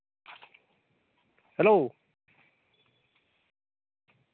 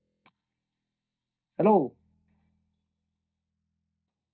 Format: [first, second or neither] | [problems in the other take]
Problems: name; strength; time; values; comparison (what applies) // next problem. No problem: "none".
first | noise reduction (neural mask model DeepFilterNet 3)